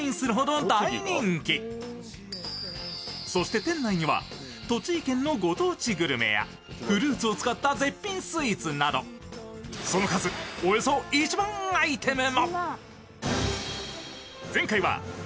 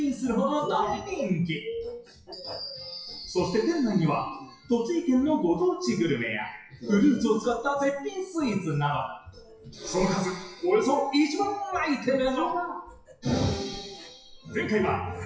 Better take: first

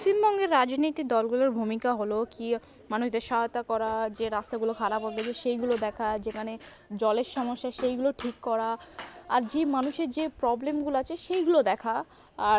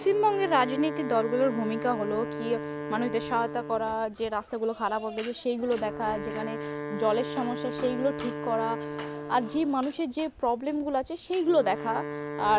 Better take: first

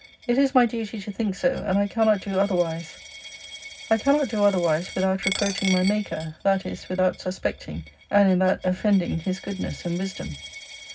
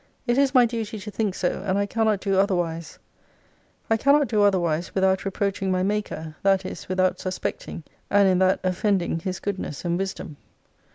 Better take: second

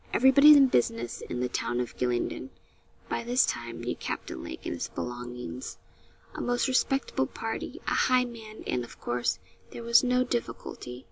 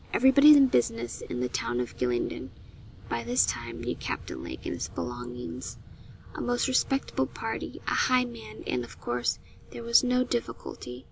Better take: first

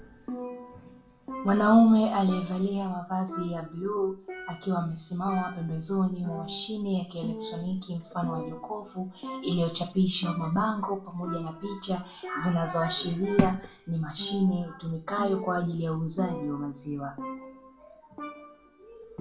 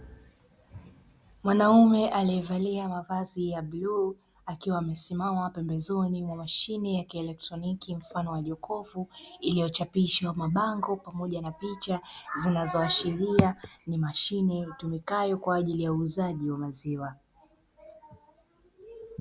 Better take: second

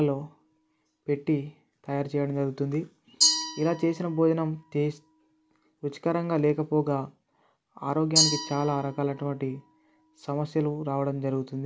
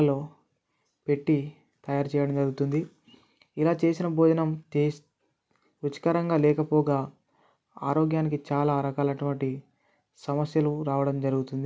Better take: second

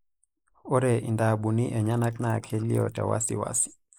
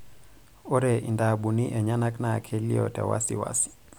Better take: second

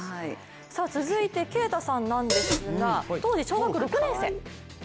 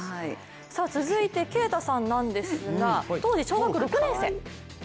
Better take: second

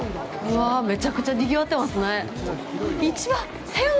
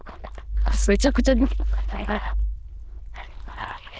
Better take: first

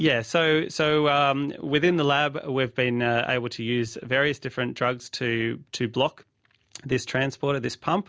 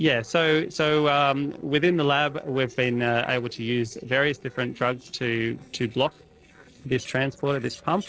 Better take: first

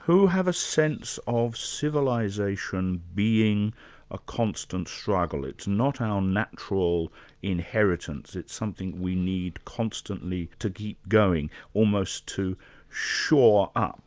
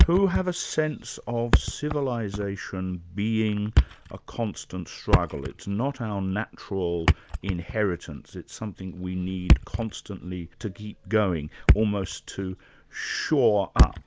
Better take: first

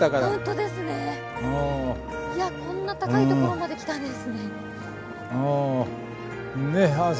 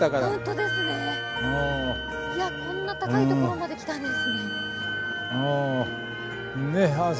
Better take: first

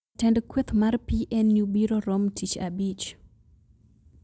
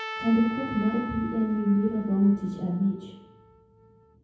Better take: first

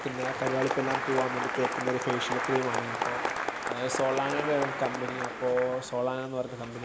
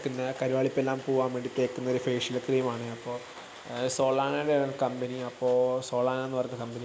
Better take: second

